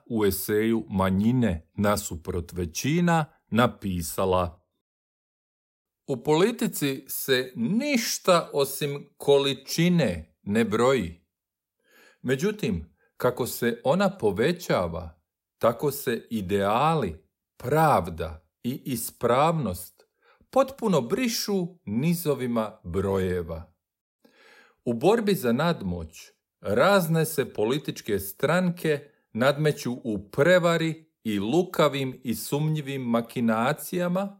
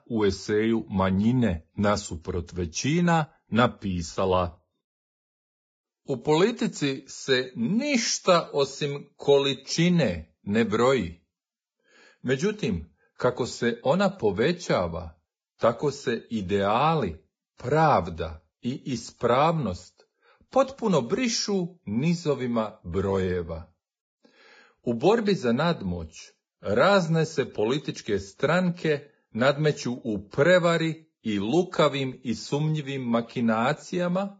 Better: first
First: none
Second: garbled, watery; badly; nothing above 7.5 kHz

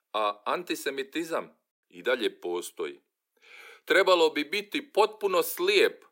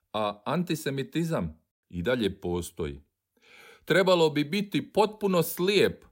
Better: second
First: thin; somewhat; fading below 350 Hz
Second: none

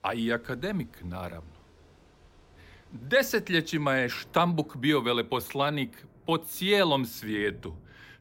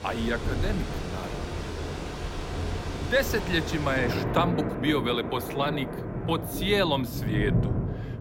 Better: first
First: rain or running water; faint; throughout; 30 dB below the speech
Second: rain or running water; loud; throughout; 3 dB below the speech

